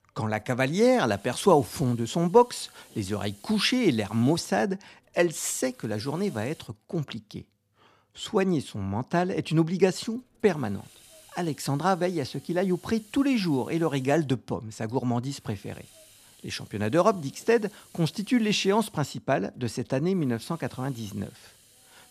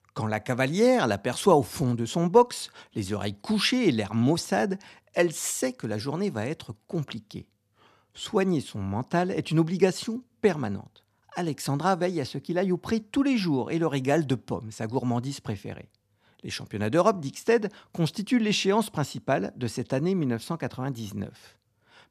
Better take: second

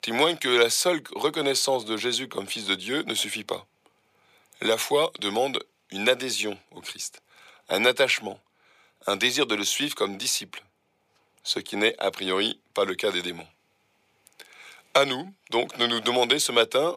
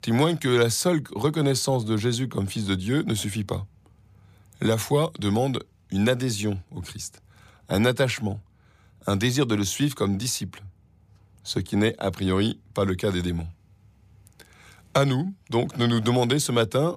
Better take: second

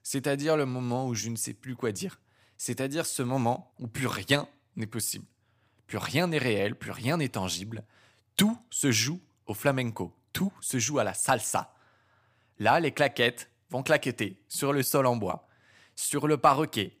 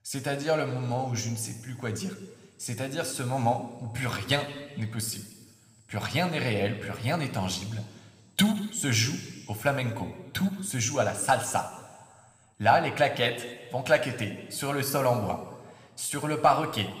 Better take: first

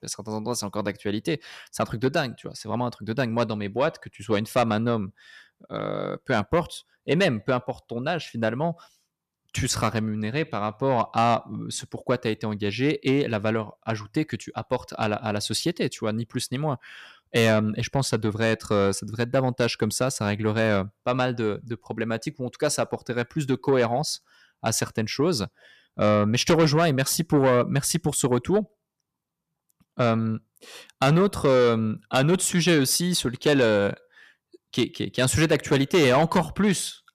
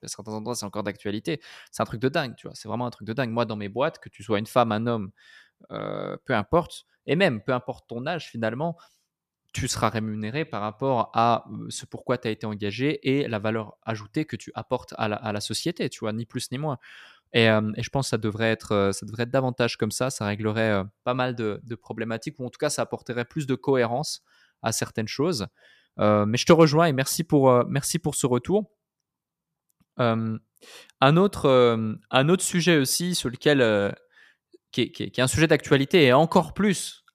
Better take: second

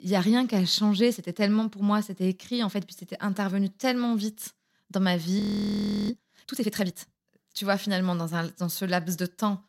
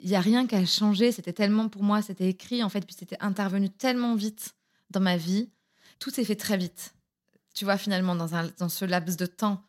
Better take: second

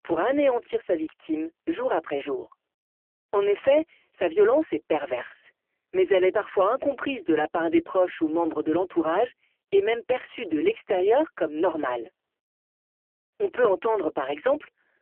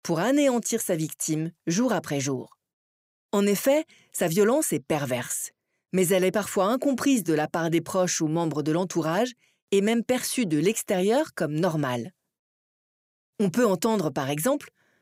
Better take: second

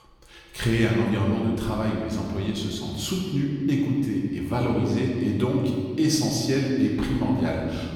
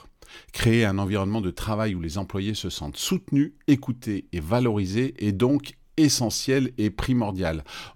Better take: second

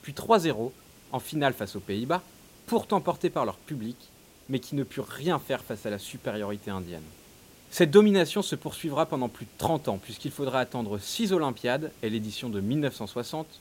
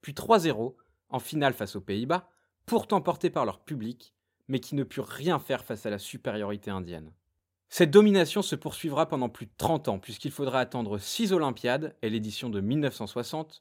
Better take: second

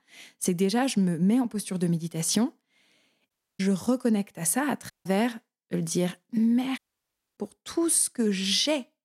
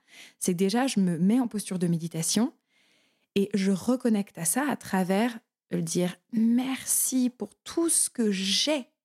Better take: second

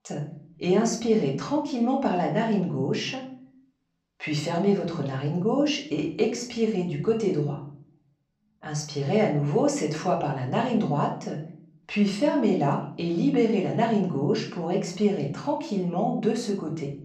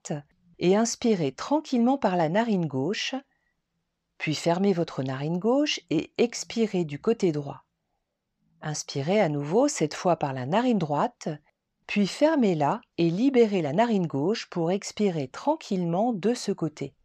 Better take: second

